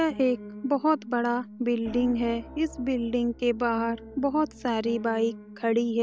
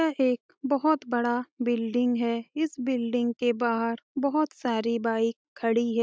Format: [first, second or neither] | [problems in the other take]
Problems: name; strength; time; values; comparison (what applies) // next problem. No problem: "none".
second | background sound (Piano); 16 dB below the speech